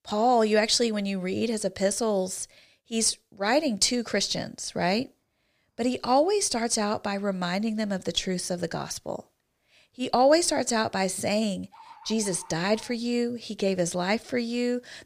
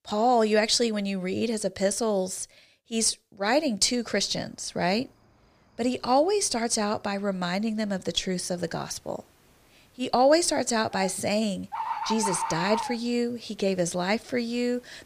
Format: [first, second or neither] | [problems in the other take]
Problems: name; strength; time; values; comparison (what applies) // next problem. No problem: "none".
first | animal sounds; loud; from 4 s on; 7 dB below the speech; faint in the first